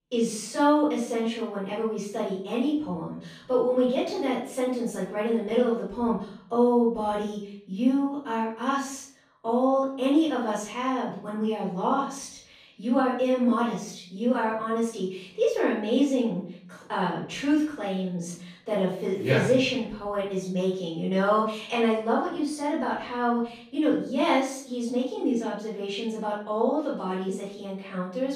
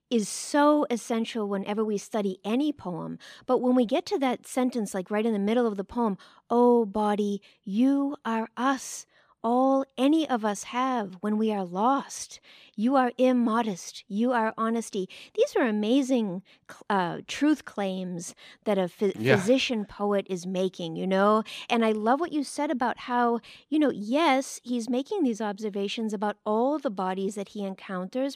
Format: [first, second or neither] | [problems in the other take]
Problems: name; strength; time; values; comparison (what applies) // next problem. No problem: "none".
second | off-mic speech; far // room echo; noticeable; dies away in 0.5 s